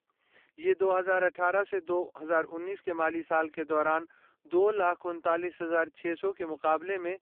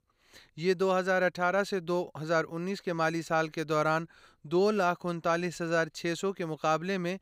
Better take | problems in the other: second | phone-call audio; poor line

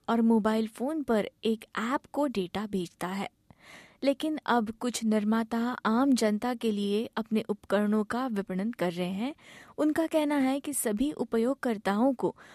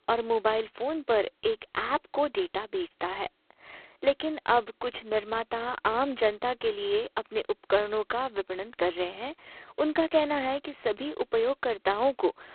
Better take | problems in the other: first | phone-call audio; poor line; nothing above 4 kHz

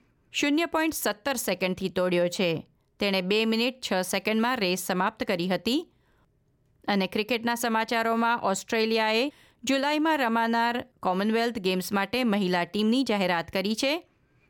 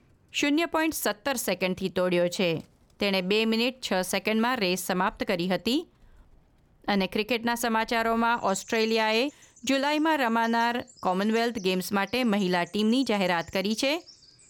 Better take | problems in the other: first | animal sounds; faint; throughout; 25 dB below the speech

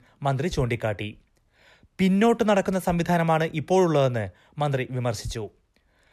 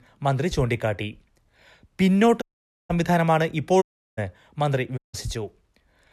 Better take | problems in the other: first | audio cutting out; at 2.5 s, at 4 s and at 5 s

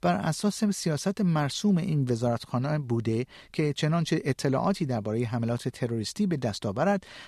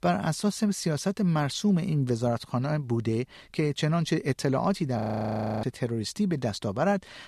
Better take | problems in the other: first | audio freezing; at 5 s for 0.5 s

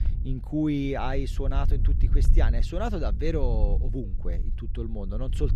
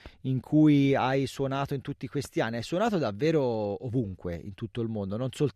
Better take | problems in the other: second | low rumble; noticeable; throughout; 15 dB below the speech

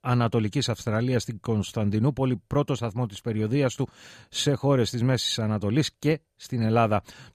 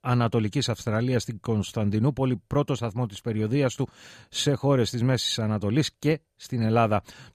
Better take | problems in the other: neither | none

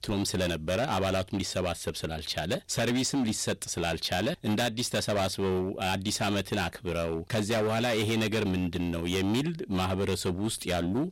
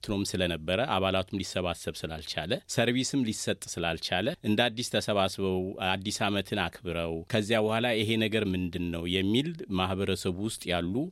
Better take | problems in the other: second | distortion; heavy; 18% of the sound clipped

